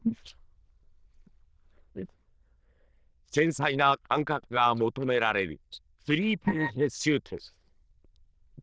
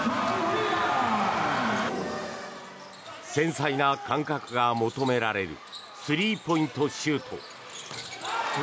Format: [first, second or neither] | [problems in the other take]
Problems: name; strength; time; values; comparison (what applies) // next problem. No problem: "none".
second | noise reduction (neural diffusion model UNIVERSE++)